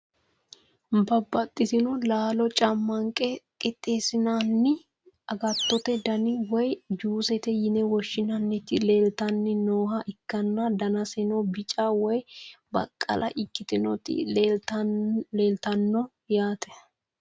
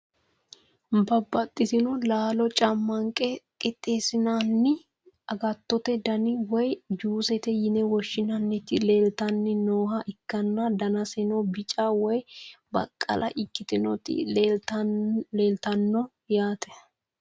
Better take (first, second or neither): second